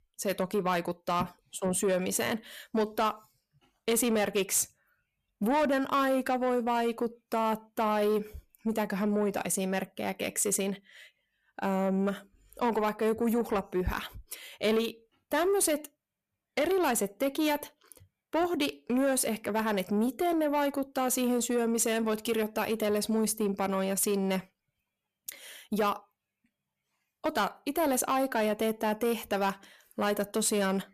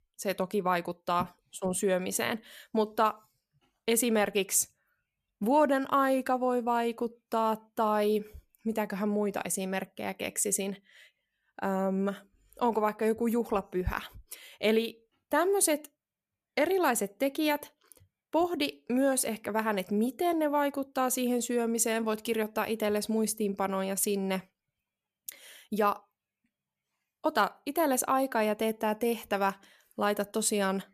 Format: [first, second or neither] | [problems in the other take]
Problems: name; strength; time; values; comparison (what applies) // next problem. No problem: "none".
second | distortion; slight; 10 dB below the speech